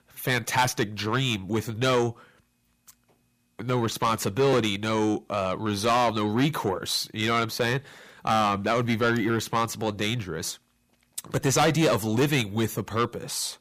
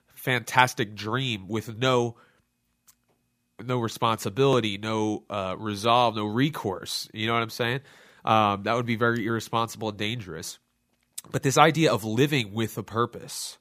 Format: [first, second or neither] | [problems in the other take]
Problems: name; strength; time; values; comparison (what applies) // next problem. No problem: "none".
second | distortion; heavy; 7 dB below the speech